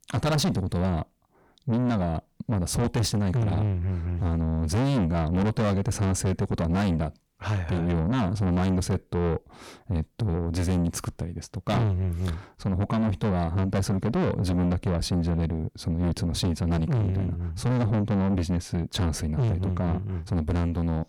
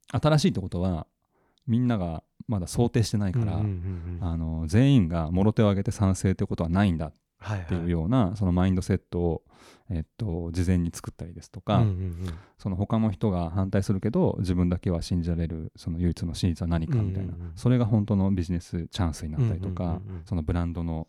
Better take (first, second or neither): second